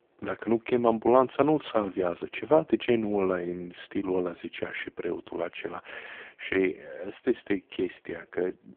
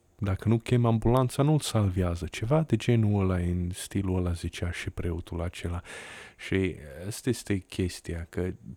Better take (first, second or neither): second